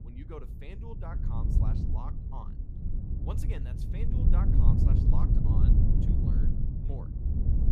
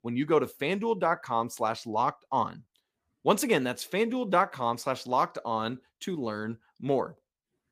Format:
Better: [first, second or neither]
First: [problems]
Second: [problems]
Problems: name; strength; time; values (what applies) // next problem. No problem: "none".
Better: second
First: wind noise on the microphone; heavy; 5 dB above the speech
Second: none